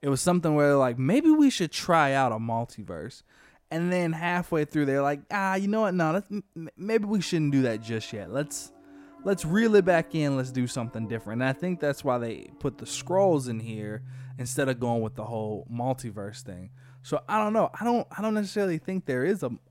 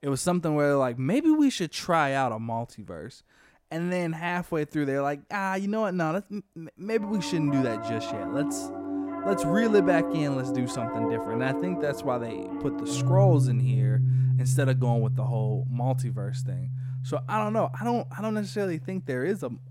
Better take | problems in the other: first | background music; loud; from 7 s on; as loud as the speech; faint in the first

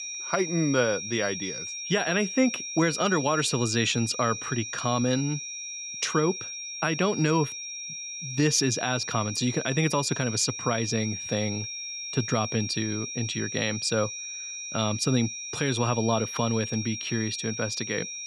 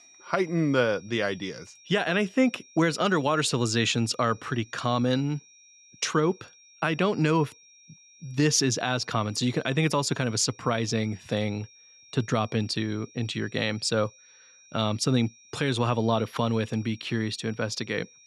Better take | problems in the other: second | high-pitched whine; loud; throughout; 5.5 kHz, 6 dB below the speech; faint in the second

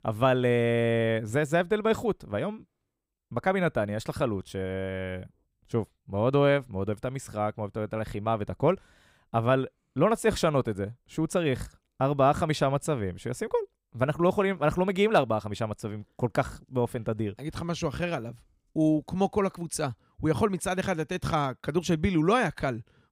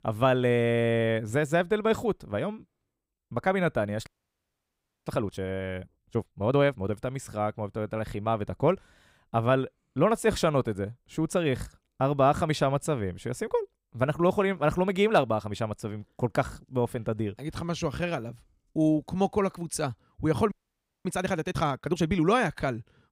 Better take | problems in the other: first | audio freezing; at 4 s for 1 s and at 21 s for 0.5 s

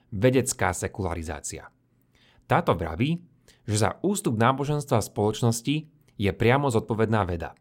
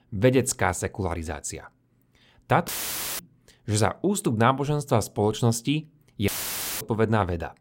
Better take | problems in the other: first | audio cutting out; filled with static; at 2.5 s for 0.5 s and at 6.5 s for 0.5 s

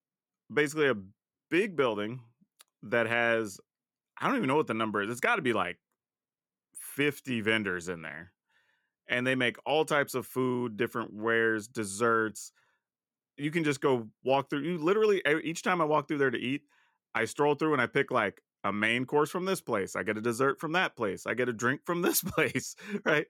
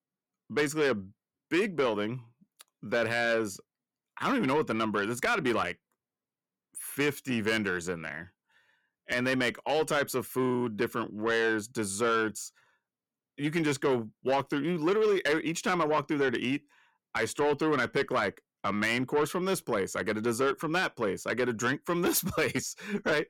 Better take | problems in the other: first | distortion; slight; 10 dB below the speech

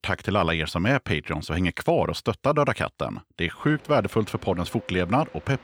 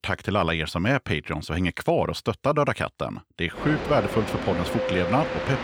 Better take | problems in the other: first | train or aircraft noise; loud; from 3.5 s on; 4 dB below the speech; faint in the first

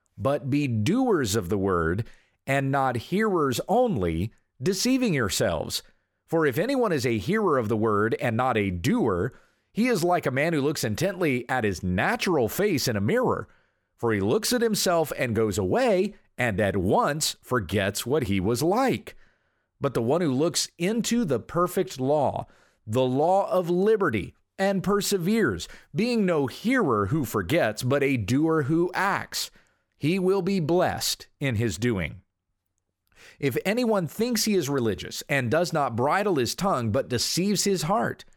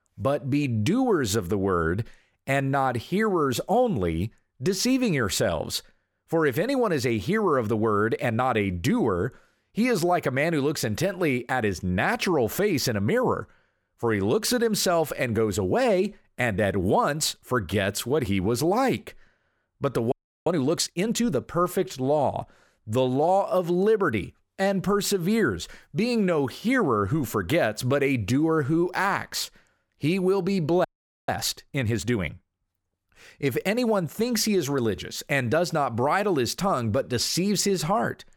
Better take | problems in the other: first | audio freezing; at 20 s and at 31 s

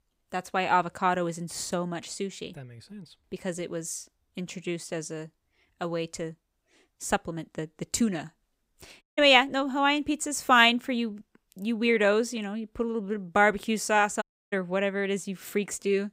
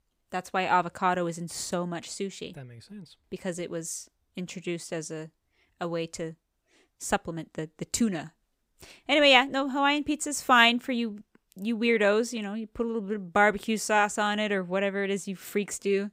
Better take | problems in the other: second | audio cutting out; at 9 s and at 14 s

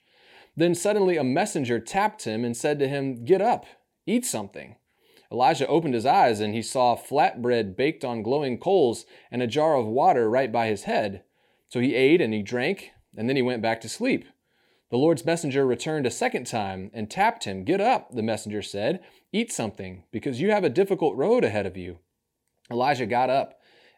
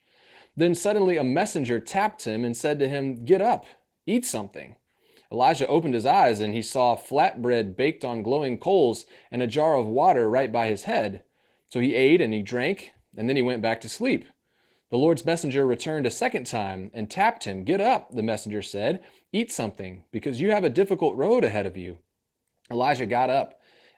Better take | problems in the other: first | garbled, watery; slightly; nothing above 15.5 kHz

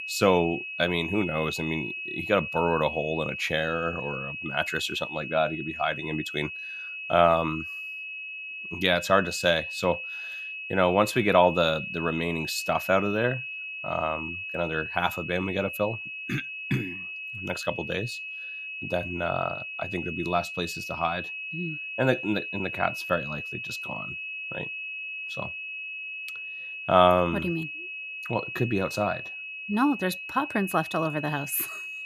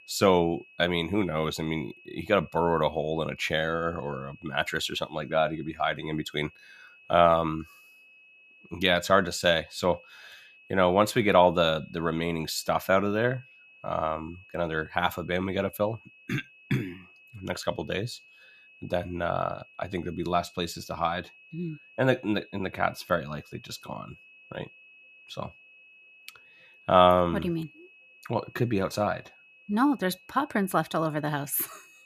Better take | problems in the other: second | high-pitched whine; loud; throughout; 2.5 kHz, 7 dB below the speech; faint in the second

